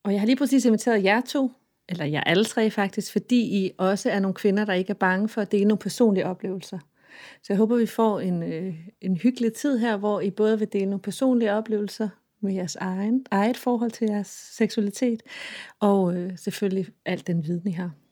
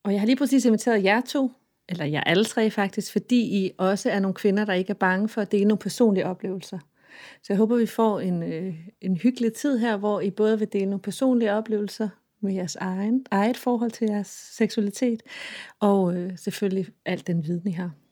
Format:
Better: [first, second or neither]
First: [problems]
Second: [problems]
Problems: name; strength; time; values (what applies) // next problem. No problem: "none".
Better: neither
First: none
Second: none